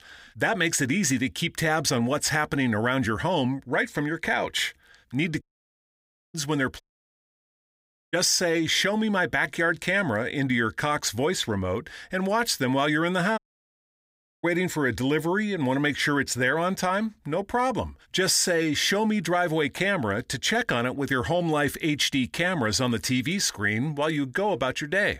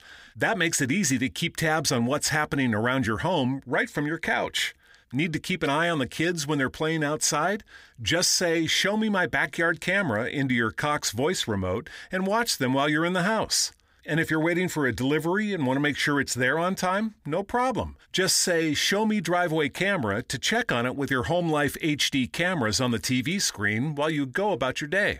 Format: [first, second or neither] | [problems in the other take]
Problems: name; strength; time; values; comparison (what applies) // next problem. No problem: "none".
second | audio cutting out; at 5.5 s for 1 s, at 7 s for 1.5 s and at 13 s for 1 s